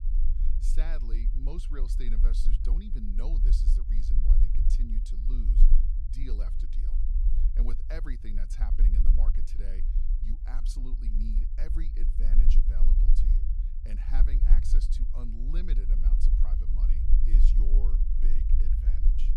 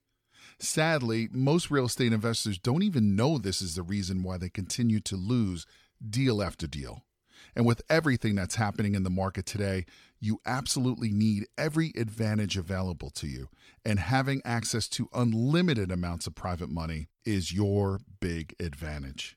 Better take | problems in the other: second | low rumble; loud; throughout; 3 dB below the speech

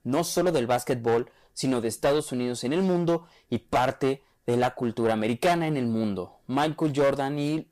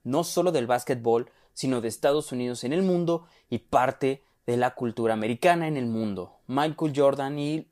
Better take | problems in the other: second | distortion; slight; 9% of the sound clipped

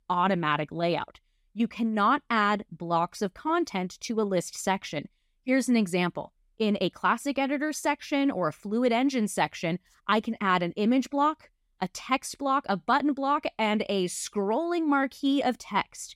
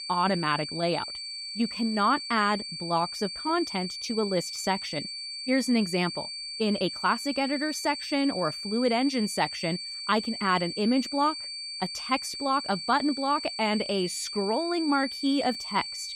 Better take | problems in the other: first | high-pitched whine; loud; throughout; 4.5 kHz, 6 dB below the speech

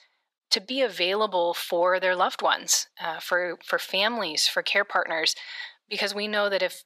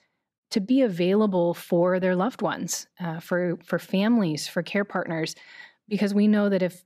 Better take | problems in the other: second | thin; very; fading below 800 Hz

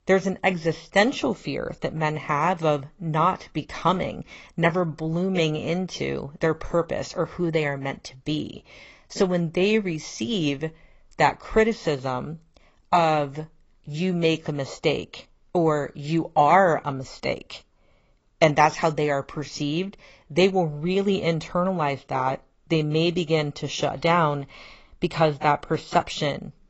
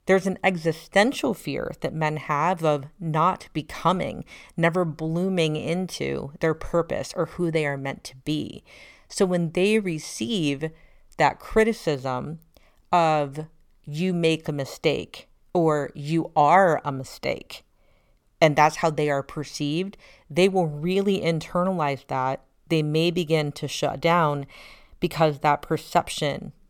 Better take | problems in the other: second | garbled, watery; badly; nothing above 7.5 kHz

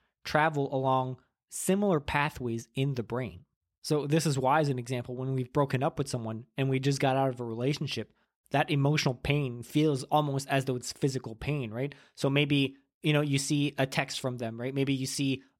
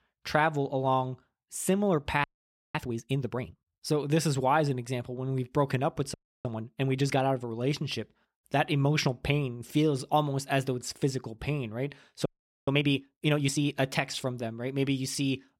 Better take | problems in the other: first | audio freezing; at 2 s for 0.5 s, at 6 s and at 12 s

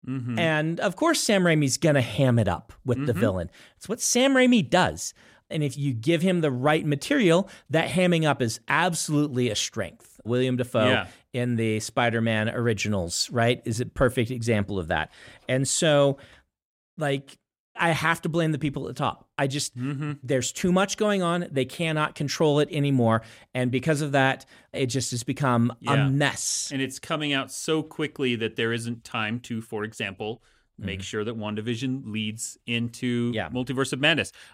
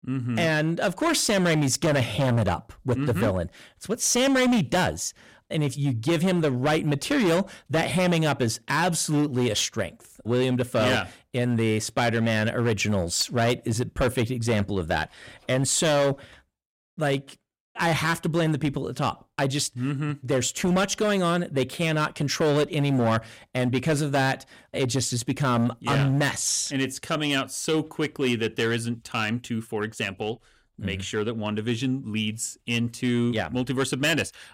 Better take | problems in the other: first | distortion; slight; 10% of the sound clipped

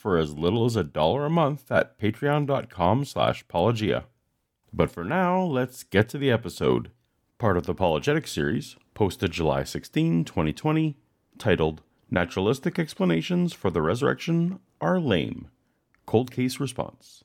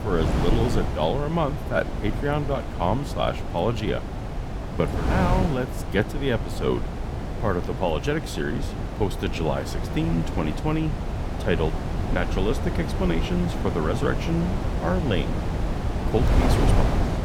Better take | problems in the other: first | wind noise on the microphone; heavy; 5 dB below the speech

